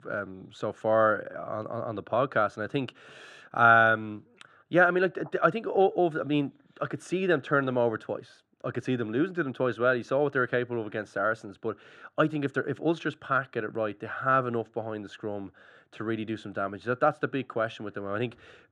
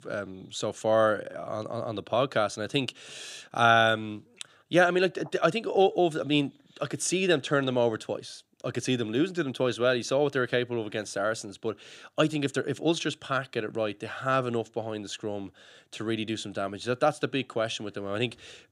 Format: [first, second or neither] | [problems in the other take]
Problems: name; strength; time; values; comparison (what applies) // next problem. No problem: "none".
second | muffled; very; fading above 3 kHz